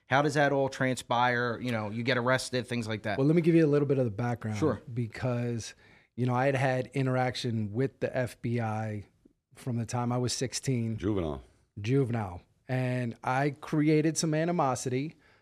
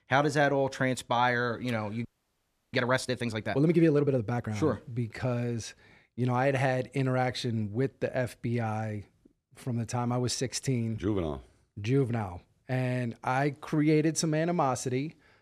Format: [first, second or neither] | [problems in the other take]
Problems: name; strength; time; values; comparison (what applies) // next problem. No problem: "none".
first | audio freezing; at 2 s for 0.5 s